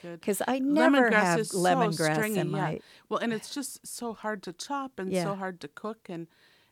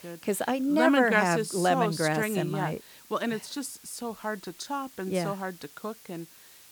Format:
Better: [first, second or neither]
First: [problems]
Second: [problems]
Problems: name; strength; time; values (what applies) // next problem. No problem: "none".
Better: first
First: none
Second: hiss; faint; throughout; 25 dB below the speech